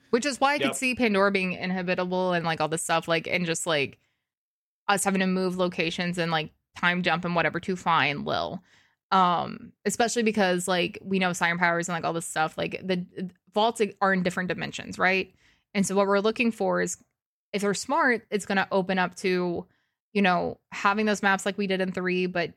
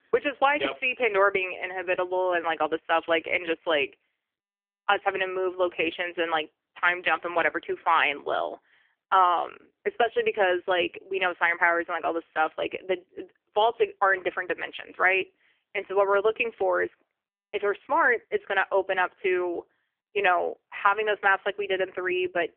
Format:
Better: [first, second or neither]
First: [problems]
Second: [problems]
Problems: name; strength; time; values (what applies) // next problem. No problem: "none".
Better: first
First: none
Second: phone-call audio; poor line; nothing above 3 kHz